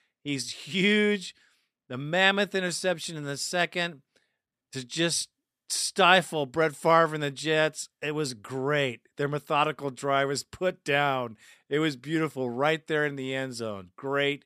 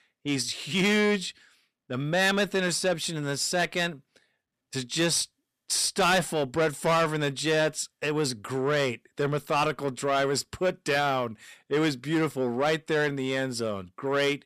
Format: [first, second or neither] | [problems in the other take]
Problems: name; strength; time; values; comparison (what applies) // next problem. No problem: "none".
first | distortion; heavy; 7 dB below the speech